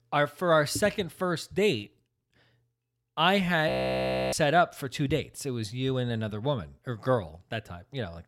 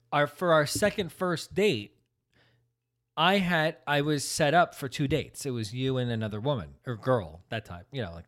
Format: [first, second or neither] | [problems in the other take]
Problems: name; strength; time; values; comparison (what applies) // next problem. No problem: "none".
second | audio freezing; at 3.5 s for 0.5 s